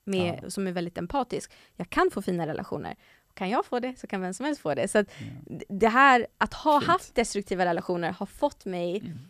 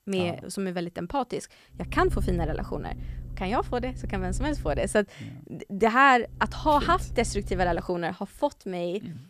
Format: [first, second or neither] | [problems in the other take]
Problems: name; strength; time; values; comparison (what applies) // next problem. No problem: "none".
first | low rumble; faint; from 2 to 5 s and from 6.5 to 8 s; 25 dB below the speech